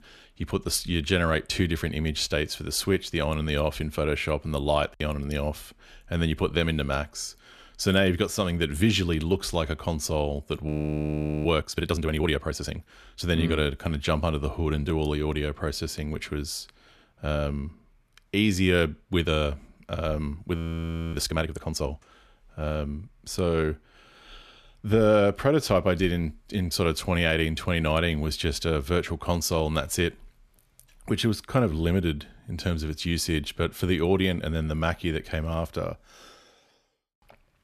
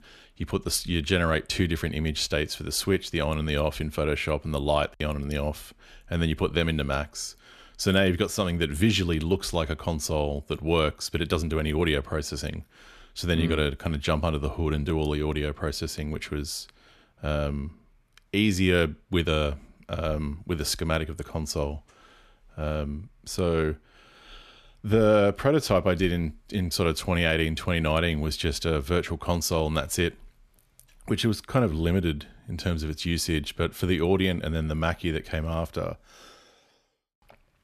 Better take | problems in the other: second | audio freezing; at 11 s for 1 s and at 21 s for 0.5 s

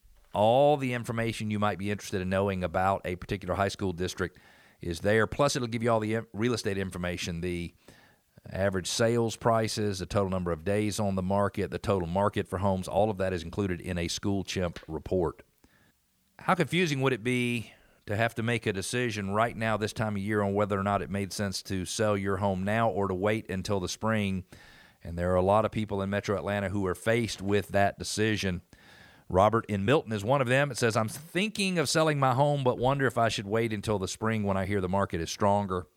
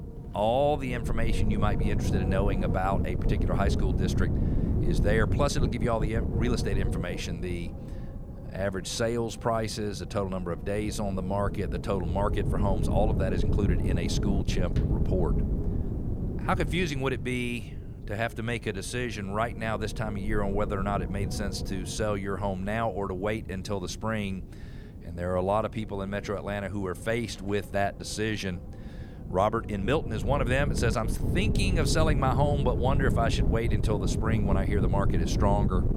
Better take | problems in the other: first | wind noise on the microphone; heavy; 9 dB below the speech

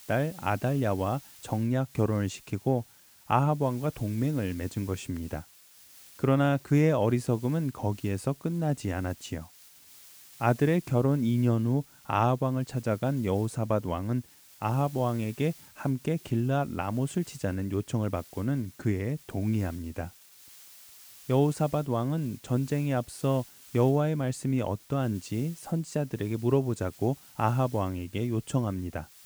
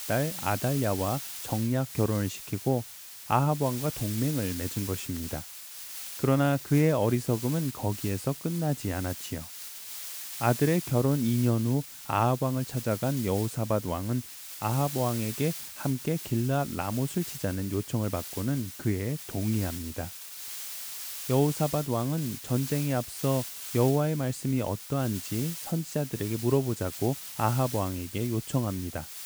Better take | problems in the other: first | hiss; loud; throughout; 9 dB below the speech; faint in the first

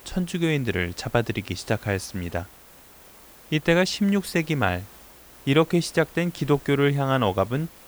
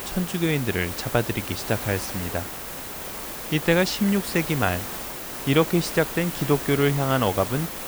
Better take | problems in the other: first | hiss; loud; throughout; 7 dB below the speech; faint in the first

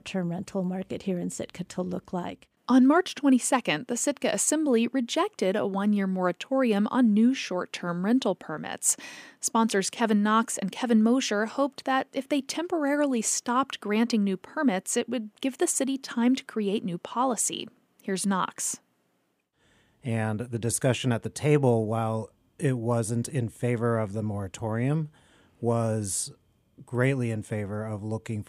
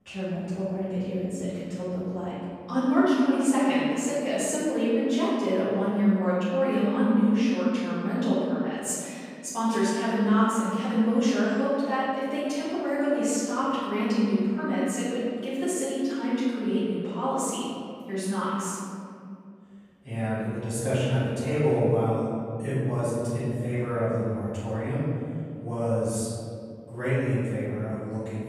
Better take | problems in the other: first | off-mic speech; far // room echo; strong; dies away in 2.3 s

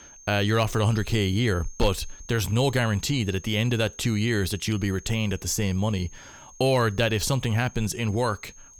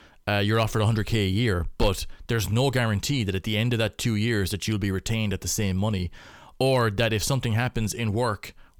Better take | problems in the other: second | high-pitched whine; faint; throughout; 6.5 kHz, 20 dB below the speech

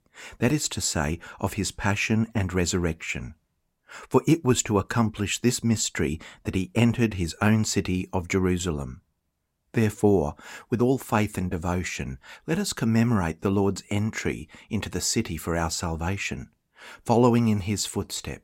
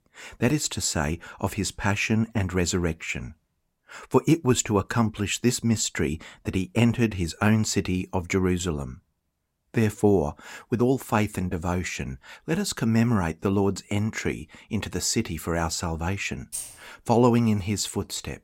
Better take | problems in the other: first | jangling keys; noticeable; at 17 s; peak 9 dB below the speech

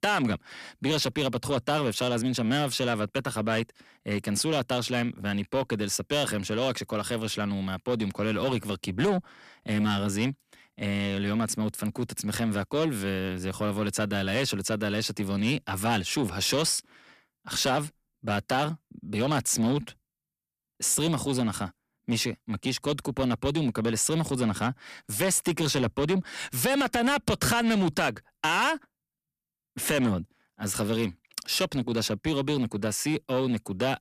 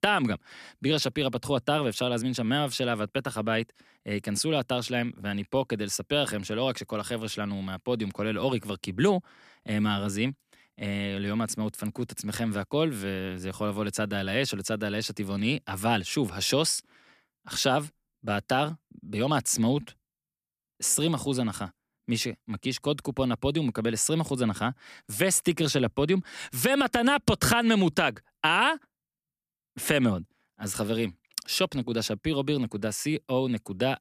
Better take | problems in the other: second | distortion; slight; 10 dB below the speech

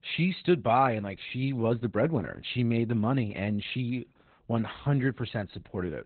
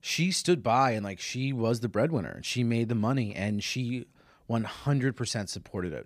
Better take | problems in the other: second | garbled, watery; badly; nothing above 4 kHz

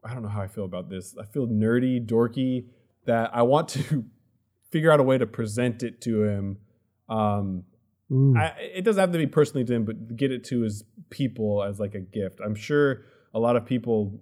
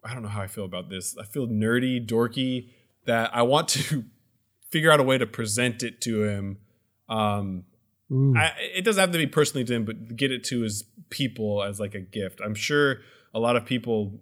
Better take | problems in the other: second | muffled; slightly; fading above 1.5 kHz

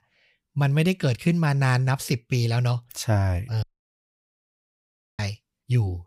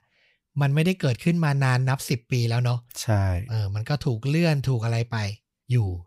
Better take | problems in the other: second | audio cutting out; at 3.5 s for 1.5 s

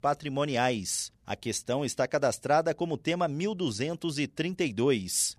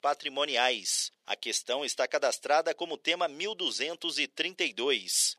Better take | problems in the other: first | thin; somewhat; fading below 400 Hz

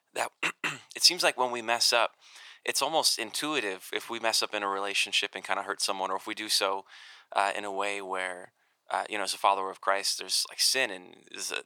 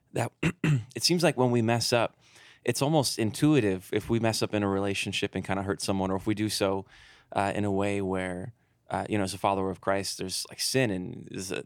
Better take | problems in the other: second | thin; very; fading below 750 Hz

